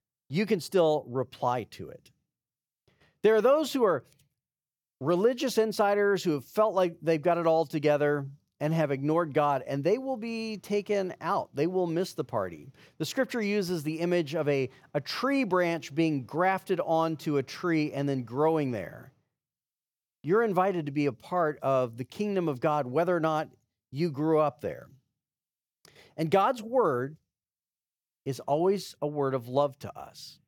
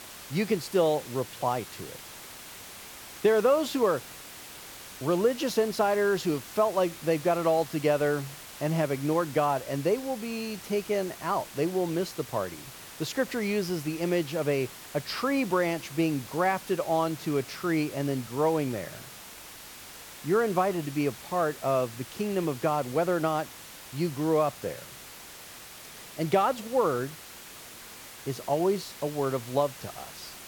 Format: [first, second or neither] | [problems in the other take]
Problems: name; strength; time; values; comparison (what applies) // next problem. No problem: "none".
first | hiss; noticeable; throughout; 15 dB below the speech